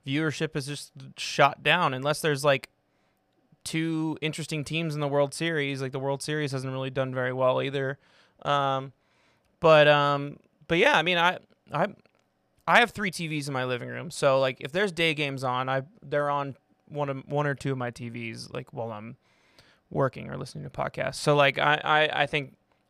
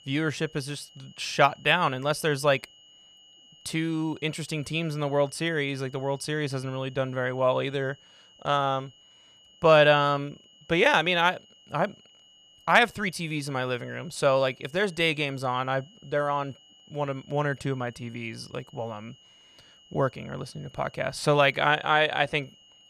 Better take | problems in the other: first | high-pitched whine; faint; throughout; 3 kHz, 25 dB below the speech

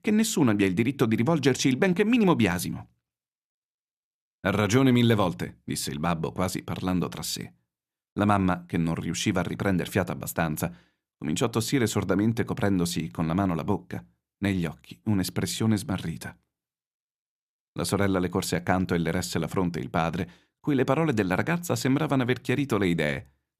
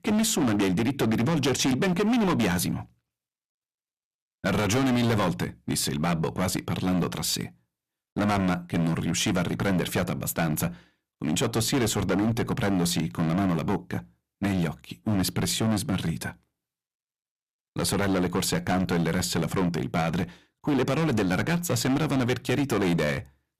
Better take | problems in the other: first | distortion; heavy; 16% of the sound clipped

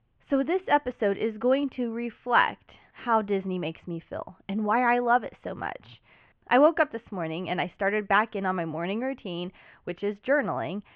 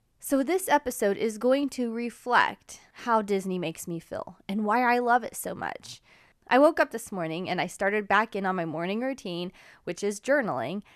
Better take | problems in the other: second | muffled; very; fading above 3 kHz

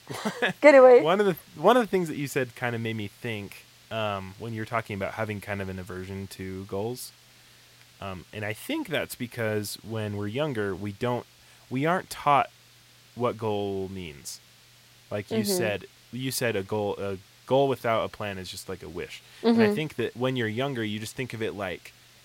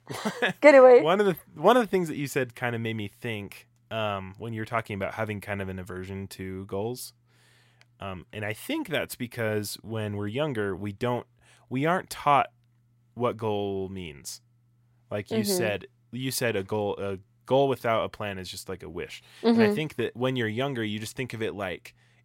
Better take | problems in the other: second | hiss; faint; throughout; 25 dB below the speech

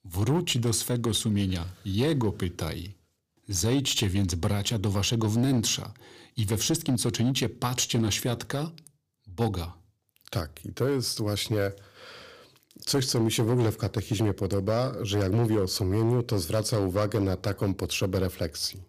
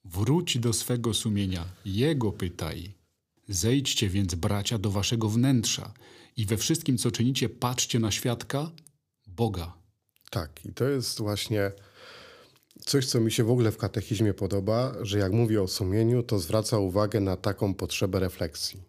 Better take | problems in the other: second | distortion; slight; 6% of the sound clipped

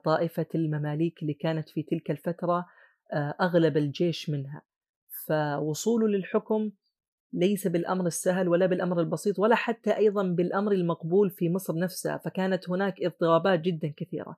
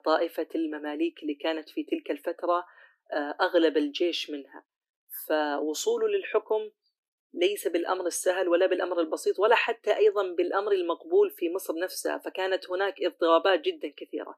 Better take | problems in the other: first | thin; somewhat; fading below 300 Hz

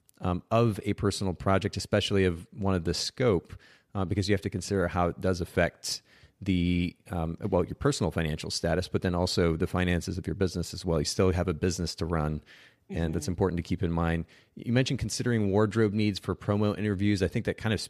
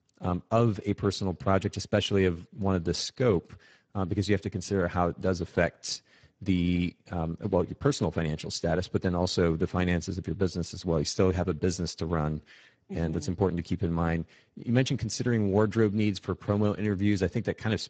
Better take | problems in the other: first | garbled, watery; badly; nothing above 7.5 kHz

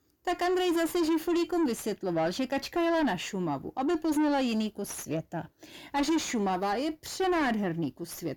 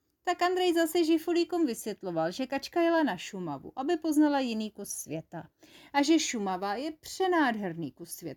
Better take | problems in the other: second | distortion; heavy; 8 dB below the speech

